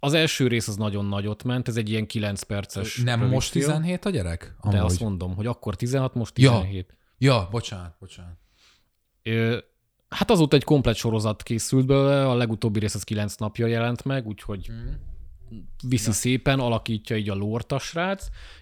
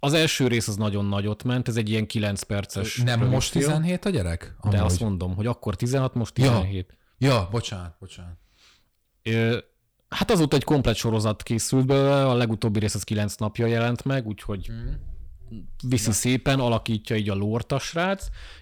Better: first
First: none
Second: distortion; slight; 5% of the sound clipped

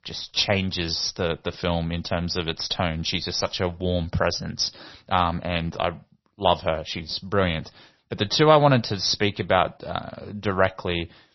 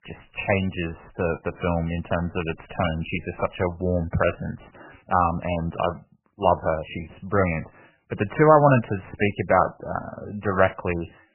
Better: first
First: garbled, watery; slightly; nothing above 6 kHz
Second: garbled, watery; badly; nothing above 3 kHz

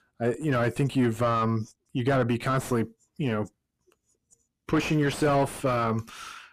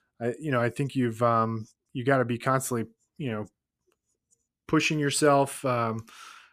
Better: second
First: distortion; heavy; 6 dB below the speech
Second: none

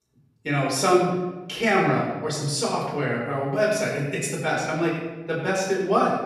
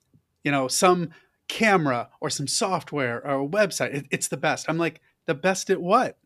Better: second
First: off-mic speech; far // room echo; noticeable; dies away in 1 s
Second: none

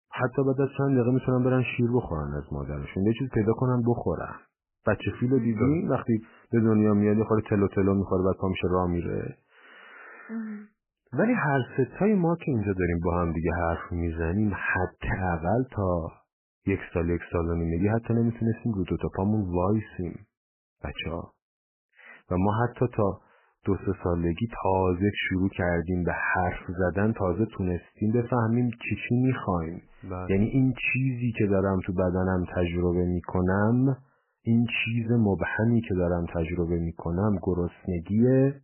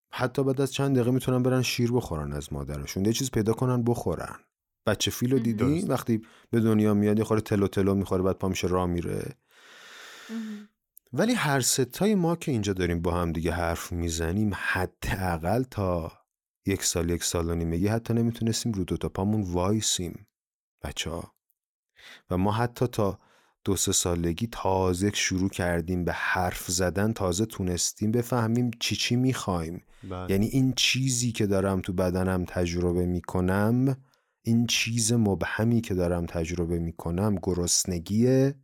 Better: second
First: garbled, watery; badly; nothing above 3 kHz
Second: none

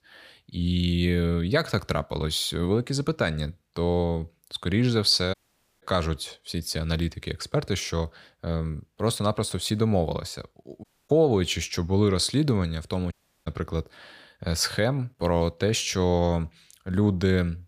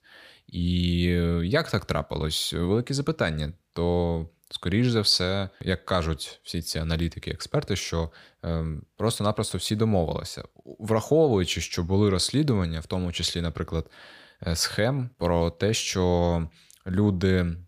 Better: second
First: audio cutting out; at 5.5 s, at 11 s and at 13 s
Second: none

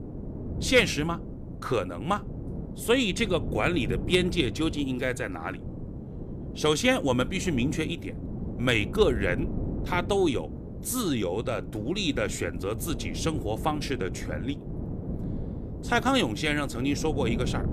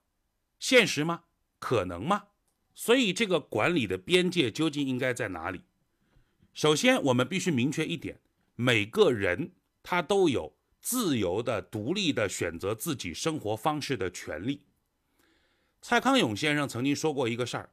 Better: second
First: wind noise on the microphone; occasional gusts; 15 dB below the speech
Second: none

